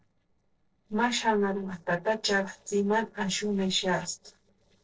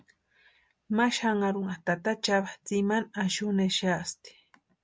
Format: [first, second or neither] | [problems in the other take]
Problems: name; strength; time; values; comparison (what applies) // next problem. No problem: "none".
second | noise reduction (neural separator model SepFormer DNS4)